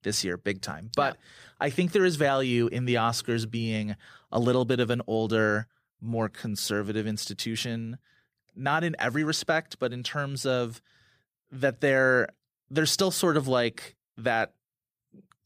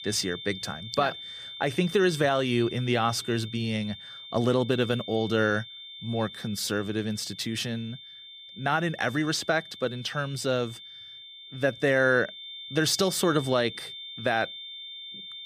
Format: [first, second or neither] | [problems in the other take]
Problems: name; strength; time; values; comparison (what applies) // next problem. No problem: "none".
first | high-pitched whine; noticeable; throughout; 3.5 kHz, 15 dB below the speech